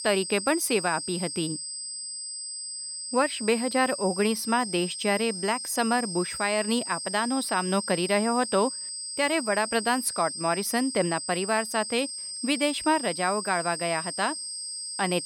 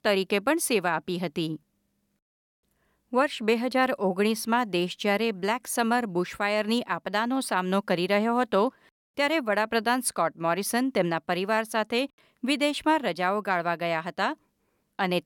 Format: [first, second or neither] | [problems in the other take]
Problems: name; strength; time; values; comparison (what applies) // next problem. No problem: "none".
second | high-pitched whine; loud; throughout; 8 kHz, 6 dB below the speech